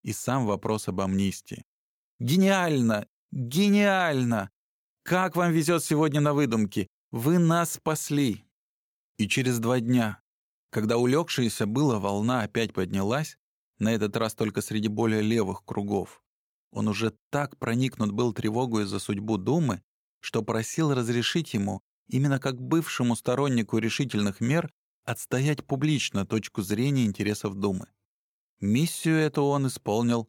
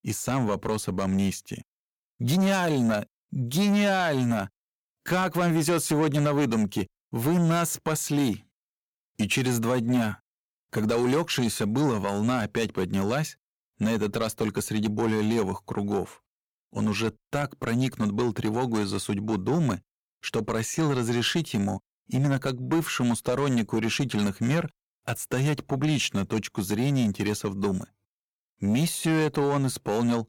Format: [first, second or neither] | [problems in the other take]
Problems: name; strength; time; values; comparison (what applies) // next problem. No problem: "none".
first | distortion; slight; 10 dB below the speech